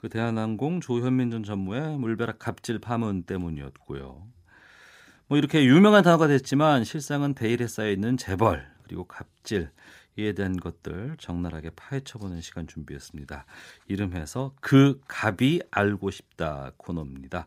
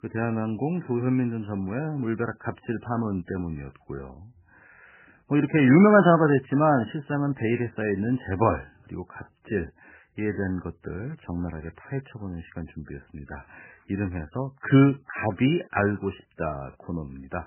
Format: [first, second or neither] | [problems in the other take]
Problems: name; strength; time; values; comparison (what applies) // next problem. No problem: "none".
first | garbled, watery; badly; nothing above 3 kHz